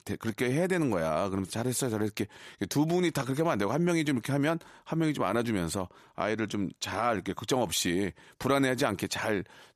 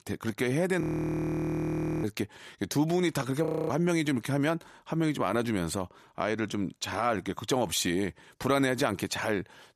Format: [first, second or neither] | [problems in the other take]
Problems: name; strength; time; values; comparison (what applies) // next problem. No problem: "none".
first | audio freezing; at 1 s for 1 s and at 3.5 s